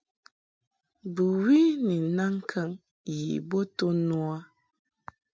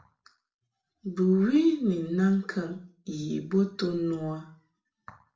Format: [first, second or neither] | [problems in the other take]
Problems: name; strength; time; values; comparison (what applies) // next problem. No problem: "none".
first | room echo; dies away in 0.4 s